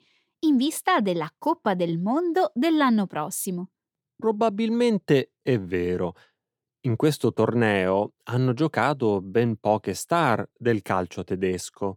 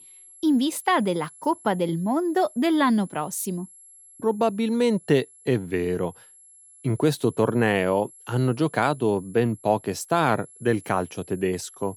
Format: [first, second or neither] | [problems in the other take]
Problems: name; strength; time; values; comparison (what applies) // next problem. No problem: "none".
first | high-pitched whine; faint; throughout; 11 kHz, 25 dB below the speech